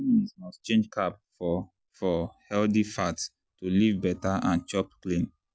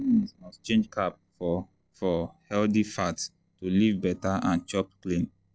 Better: first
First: none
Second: noise reduction (neural separator model SepFormer DNS4)

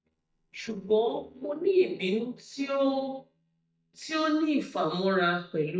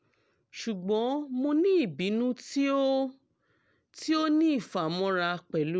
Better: second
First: noise reduction (neural mask model DeepFilterNet 3)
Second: none

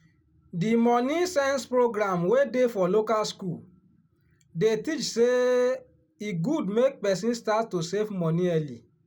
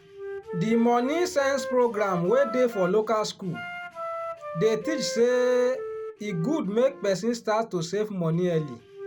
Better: first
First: none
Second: background sound (Wind instrument, woodwind instrument); 11 dB below the speech

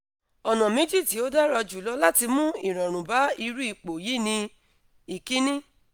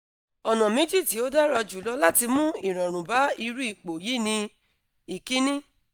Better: first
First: none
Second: noise reduction (neural mask model DeepFilterNet 3)

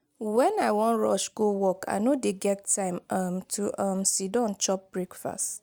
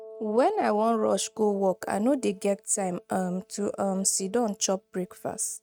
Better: first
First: none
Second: noise reduction (neural mask model RNNoise)

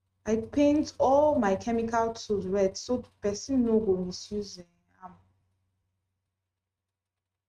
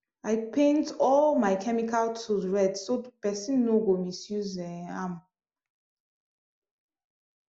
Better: second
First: noise reduction (neural mask model RNNoise)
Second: none

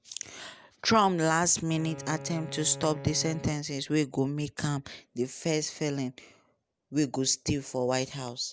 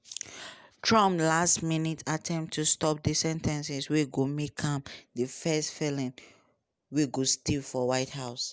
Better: second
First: background sound (Bowed string instrument); 14 dB below the speech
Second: none

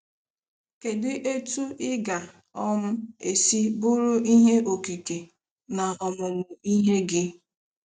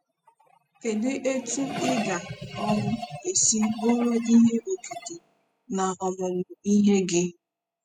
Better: first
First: none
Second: noise reduction (classical method spectral subtraction)

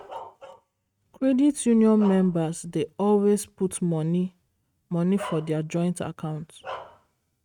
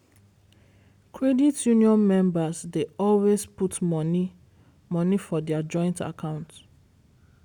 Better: second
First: noise reduction (neural mask model RNNoise)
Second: none

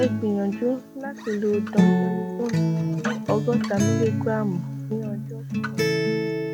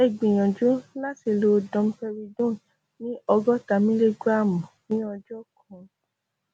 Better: second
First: background sound (Acoustic guitar); 2 dB above the speech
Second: none

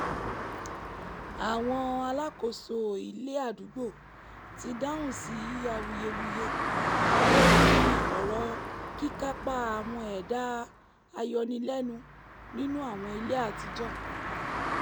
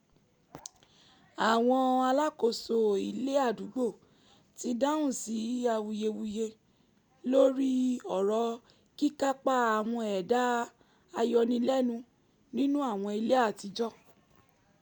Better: second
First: background sound (Car passing by); 3 dB above the speech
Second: none

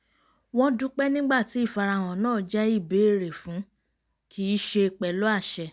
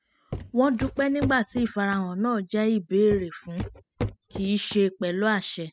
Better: first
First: none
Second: noise reduction (classical method spectral subtraction)

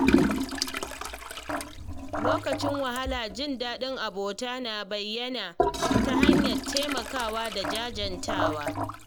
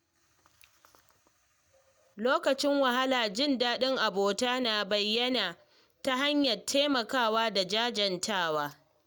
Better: second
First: background sound (Toilet flush / Gurgling); 4 dB above the speech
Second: none

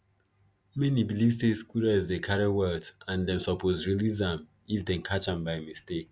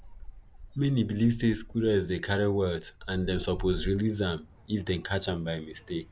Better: first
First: none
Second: background sound (Gull, seagull); 14 dB below the speech

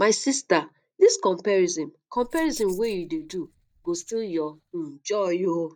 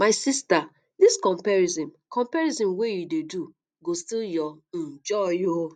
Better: second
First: noise reduction (neural mask model DeepFilterNet 3)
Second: none

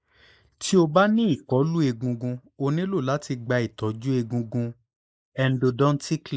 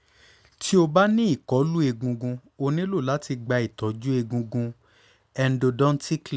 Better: second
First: noise reduction (neural mask model Resemble Enhance denoiser)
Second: none

